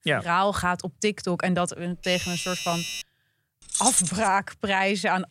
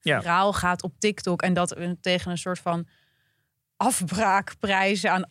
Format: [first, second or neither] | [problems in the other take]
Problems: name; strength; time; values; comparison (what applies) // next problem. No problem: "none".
second | doorbell; noticeable; from 2 to 3 s; peak 4 dB below the speech // jangling keys; loud; at 3.5 s; peak 4 dB above the speech